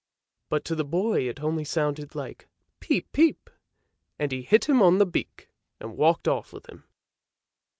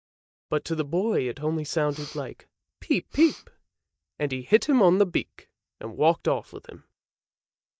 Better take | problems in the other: first | noise reduction (neural mask model DeepFilterNet 3)

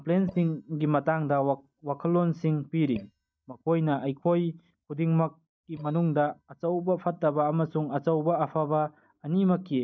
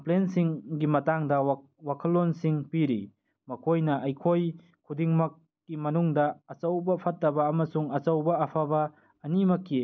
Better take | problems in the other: second | noise reduction (neural mask model DeepFilterNet 3)

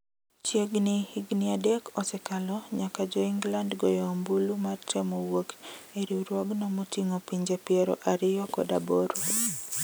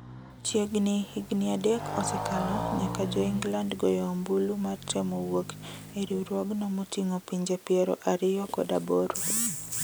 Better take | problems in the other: first | background sound (Motorcycle); 10 dB below the speech

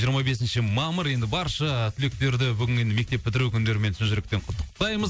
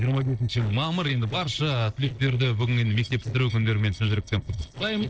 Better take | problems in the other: first | noise reduction (neural separator model SepFormer DNS4)

